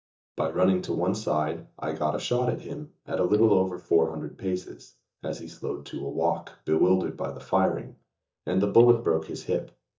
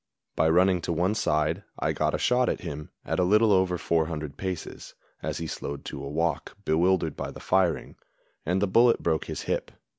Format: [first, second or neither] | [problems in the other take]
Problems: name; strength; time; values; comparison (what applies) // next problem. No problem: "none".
second | noise reduction (neural mask model DeepFilterNet 3)